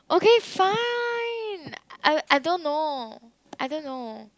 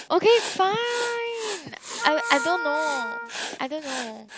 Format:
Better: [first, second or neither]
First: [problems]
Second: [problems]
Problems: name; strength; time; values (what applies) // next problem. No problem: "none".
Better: first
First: none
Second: background sound (Wind instrument, woodwind instrument + Writing); 7 dB below the speech